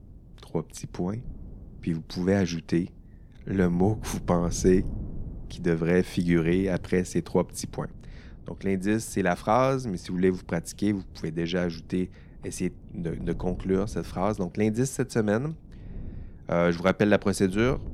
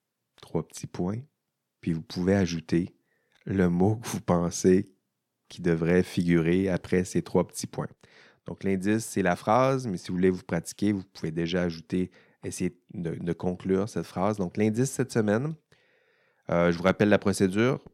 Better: second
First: wind noise on the microphone; occasional gusts; 25 dB below the speech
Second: none

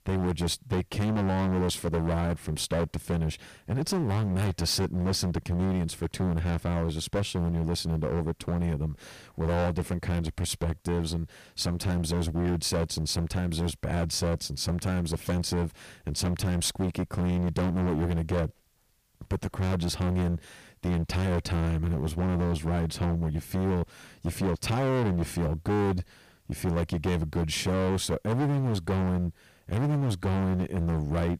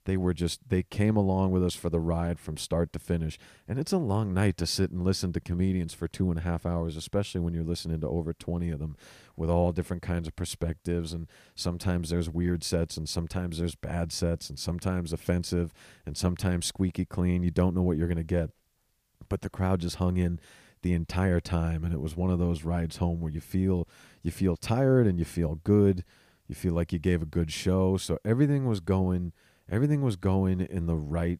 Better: second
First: distortion; heavy; 22% of the sound clipped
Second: none

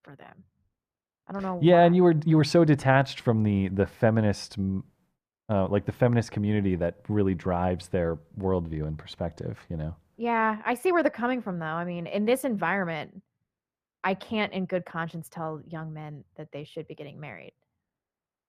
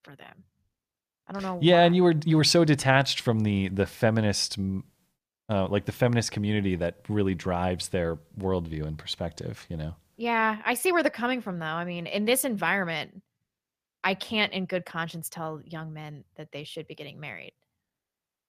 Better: second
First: muffled; slightly; fading above 2.5 kHz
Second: none

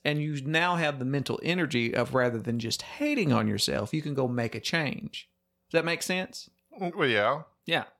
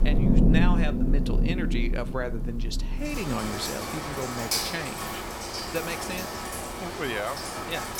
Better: first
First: none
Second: rain or running water; very loud; throughout; 5 dB above the speech

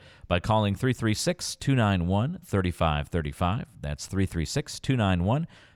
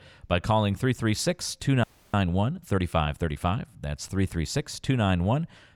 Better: first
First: none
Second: audio freezing; at 2 s

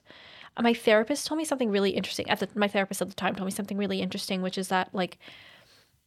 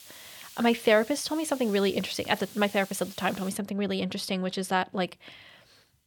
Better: first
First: none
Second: hiss; noticeable; until 3.5 s; 20 dB below the speech

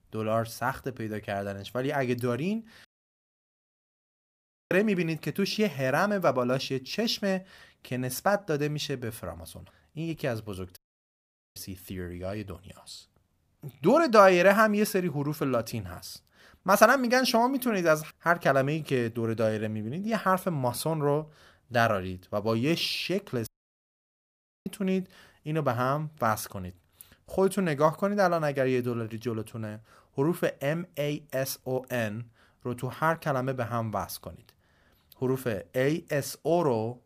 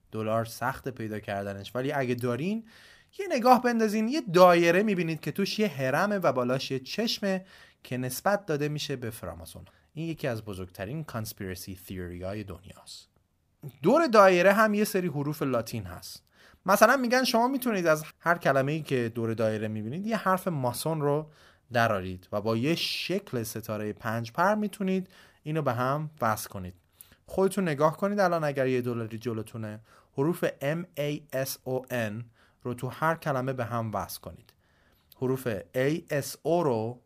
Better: second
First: audio cutting out; at 3 s for 2 s, at 11 s for 1 s and at 23 s for 1 s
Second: none

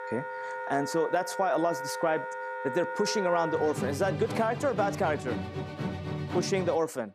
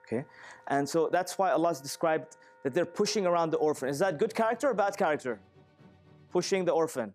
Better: second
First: background music; loud; throughout; 6 dB below the speech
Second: background music; faint; throughout; 30 dB below the speech

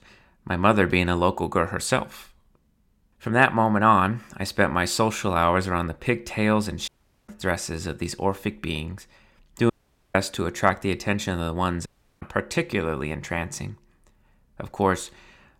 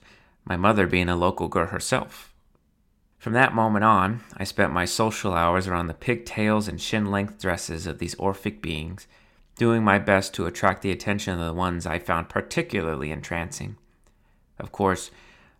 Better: second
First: audio cutting out; at 7 s, at 9.5 s and at 12 s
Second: none

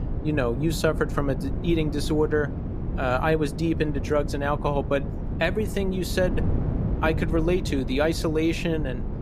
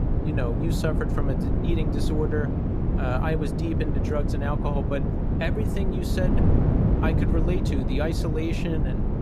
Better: first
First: wind noise on the microphone; occasional gusts; 10 dB below the speech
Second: wind noise on the microphone; heavy; 1 dB below the speech

